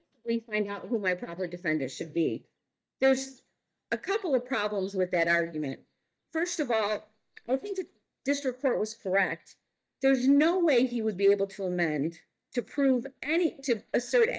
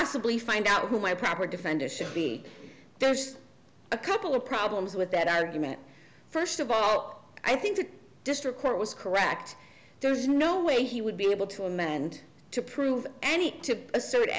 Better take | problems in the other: second | noise reduction (neural mask model DeepFilterNet 3)

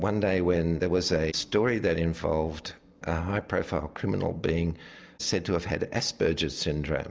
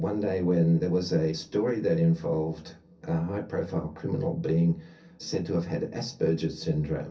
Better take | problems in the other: first | room echo; dies away in 0.3 s

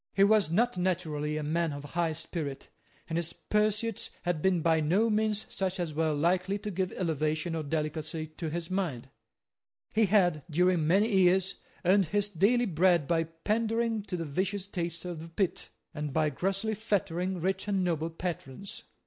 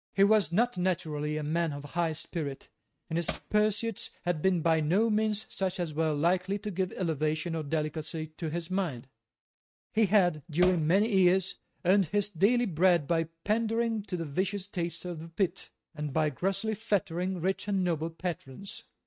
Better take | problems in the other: first | noise reduction (neural mask model RNNoise)

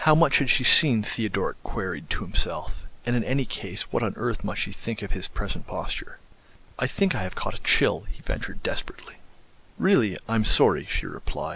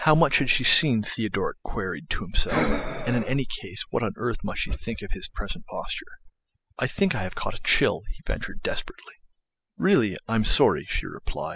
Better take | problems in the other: first | noise reduction (classical method spectral subtraction)

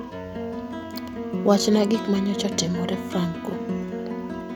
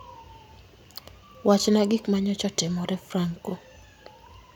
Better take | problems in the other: second | background sound (Plucked string instrument); 5 dB below the speech

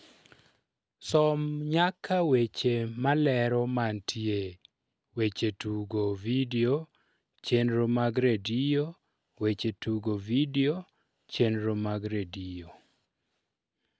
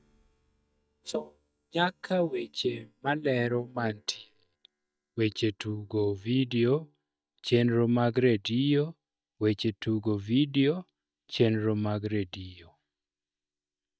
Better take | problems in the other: first | noise reduction (neural mask model DeepFilterNet 3)

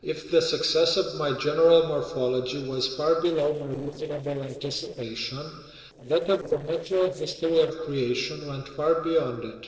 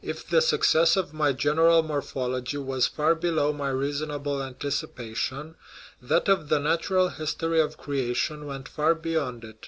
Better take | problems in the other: second | noise reduction (neural separator model SepFormer DNS4)

